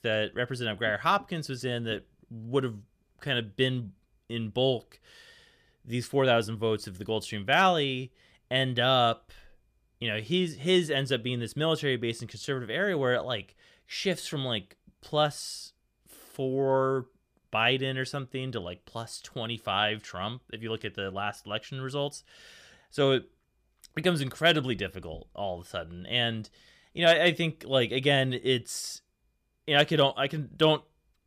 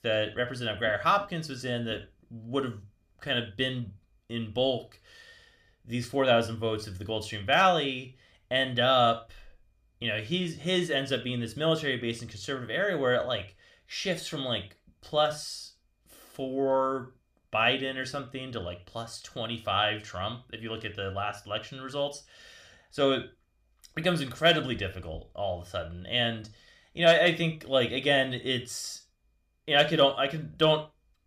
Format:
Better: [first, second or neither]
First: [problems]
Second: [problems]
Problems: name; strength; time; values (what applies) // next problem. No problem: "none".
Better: first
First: none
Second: room echo; very slight; dies away in 0.3 s